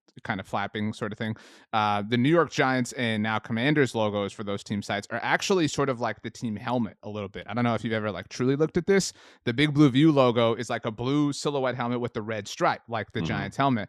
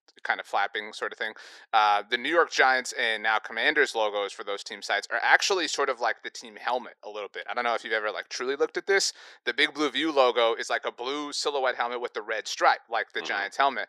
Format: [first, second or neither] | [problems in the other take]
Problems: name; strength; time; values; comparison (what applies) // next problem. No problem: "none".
first | thin; very; fading below 400 Hz